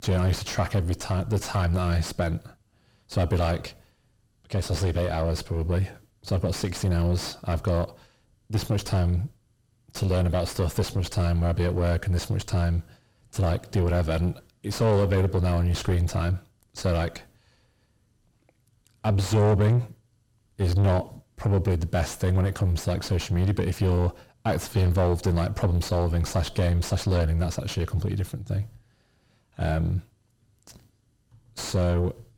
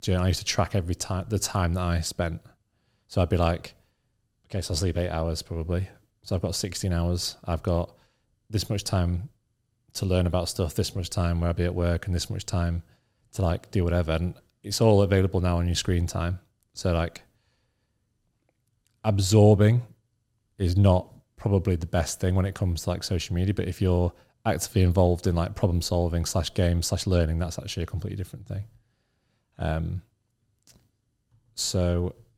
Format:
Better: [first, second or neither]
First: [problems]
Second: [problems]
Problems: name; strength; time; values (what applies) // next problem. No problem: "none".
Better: second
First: distortion; heavy; 5 dB below the speech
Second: none